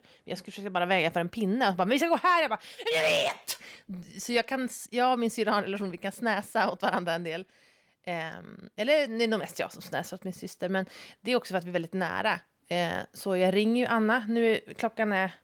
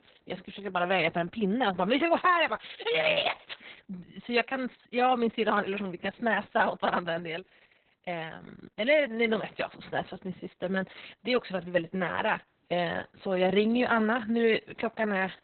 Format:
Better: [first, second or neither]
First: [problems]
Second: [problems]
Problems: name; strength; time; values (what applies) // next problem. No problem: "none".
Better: first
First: garbled, watery; slightly; nothing above 19.5 kHz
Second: garbled, watery; badly; nothing above 4 kHz